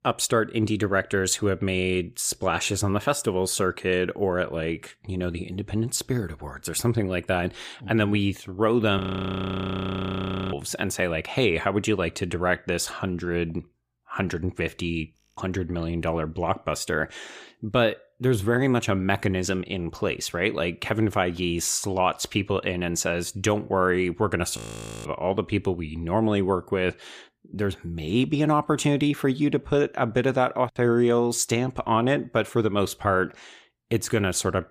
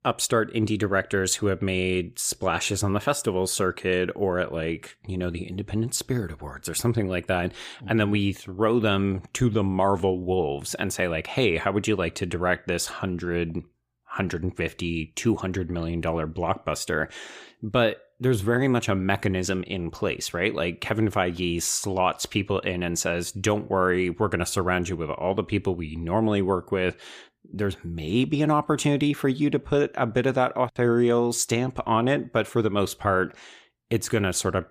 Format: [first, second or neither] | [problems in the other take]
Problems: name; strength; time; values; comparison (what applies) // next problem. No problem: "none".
second | audio freezing; at 9 s for 1.5 s, at 15 s and at 25 s